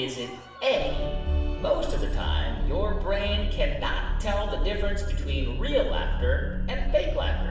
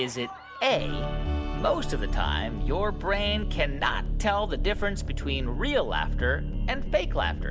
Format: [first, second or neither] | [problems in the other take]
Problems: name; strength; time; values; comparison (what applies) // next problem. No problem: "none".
second | room echo; dies away in 0.9 s